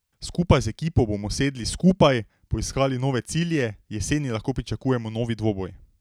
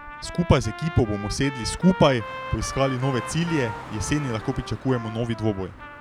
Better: first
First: none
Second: background sound (Car + Trumpet); 12 dB below the speech

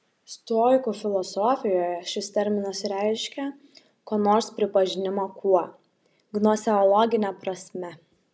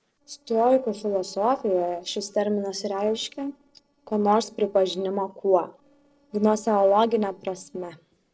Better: first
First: none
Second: noise reduction (neural separator model SepFormer DNS4)

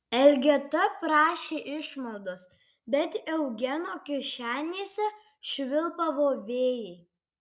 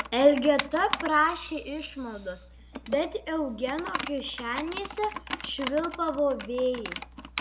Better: first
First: none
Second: background sound (Computer keyboard); 10 dB below the speech

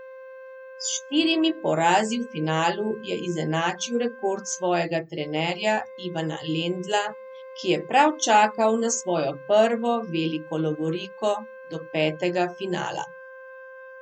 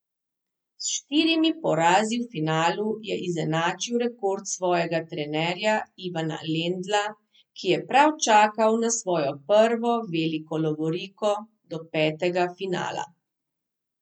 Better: second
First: background sound (Wind instrument, woodwind instrument); 17 dB below the speech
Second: none

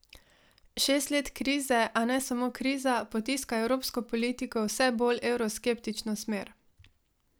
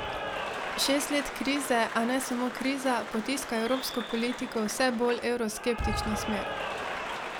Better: first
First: none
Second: background sound (Applause / Cheering); 5 dB below the speech

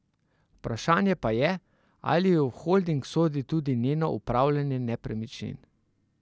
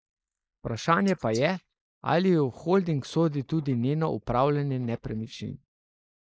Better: first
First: none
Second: noise reduction (neural mask model Resemble Enhance denoiser)

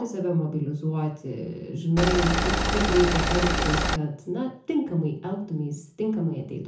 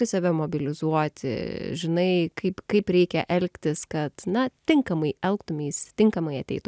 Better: second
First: background sound (Engine); 3 dB above the speech // room echo; dies away in 0.6 s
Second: none

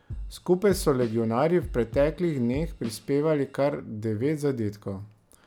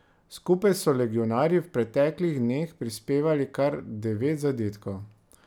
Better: second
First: background sound (Drum kit); 13 dB below the speech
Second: none

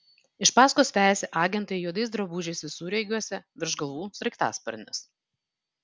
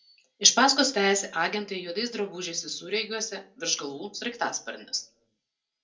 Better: first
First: none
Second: room echo; dies away in 0.2 s

